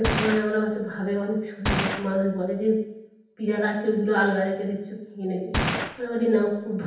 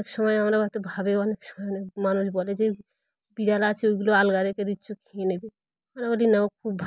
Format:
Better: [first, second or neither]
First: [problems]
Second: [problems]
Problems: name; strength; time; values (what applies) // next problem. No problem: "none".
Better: second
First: background sound (Gunshot, gunfire); 4 dB below the speech // room echo; dies away in 0.9 s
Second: none